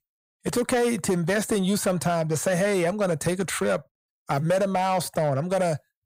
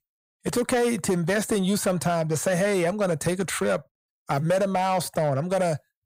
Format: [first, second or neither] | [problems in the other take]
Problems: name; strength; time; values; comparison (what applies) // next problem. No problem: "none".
neither | distortion; slight; 8% of the sound clipped; the same in both